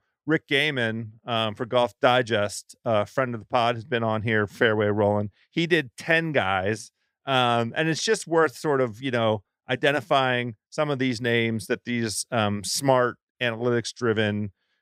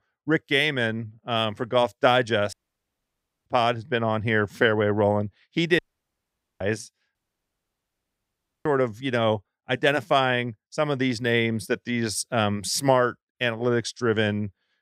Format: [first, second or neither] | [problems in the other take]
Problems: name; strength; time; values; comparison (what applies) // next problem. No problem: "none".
first | audio cutting out; at 2.5 s for 1 s, at 6 s for 1 s and at 7 s for 1.5 s